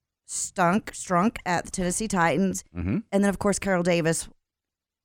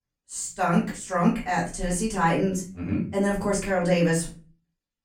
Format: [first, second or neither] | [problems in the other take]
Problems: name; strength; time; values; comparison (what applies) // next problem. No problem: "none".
first | room echo; slight; dies away in 0.3 s // off-mic speech; far